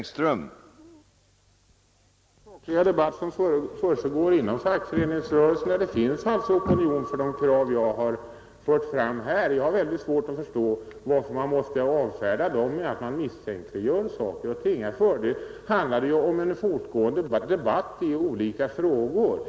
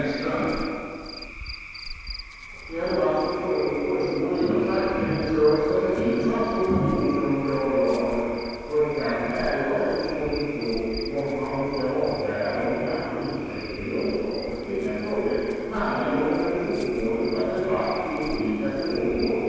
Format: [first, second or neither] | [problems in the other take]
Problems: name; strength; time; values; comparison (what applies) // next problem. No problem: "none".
first | background sound (Cricket / Frog); 14 dB below the speech // room echo; dies away in 2.1 s